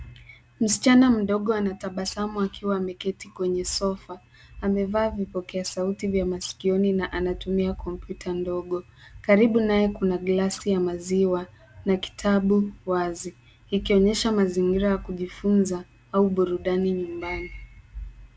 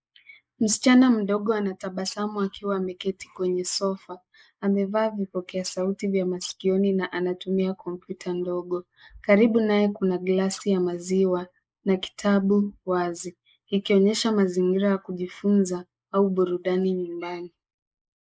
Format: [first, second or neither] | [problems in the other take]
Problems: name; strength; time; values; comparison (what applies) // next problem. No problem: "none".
first | noise reduction (neural mask model Resemble Enhance denoiser)